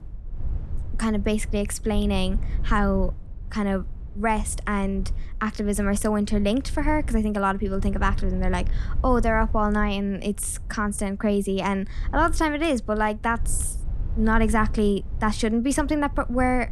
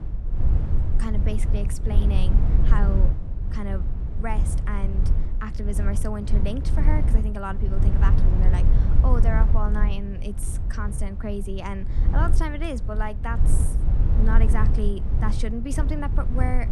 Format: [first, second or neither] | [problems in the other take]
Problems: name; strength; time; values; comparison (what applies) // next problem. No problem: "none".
first | low rumble; loud; throughout; 6 dB below the speech; faint in the first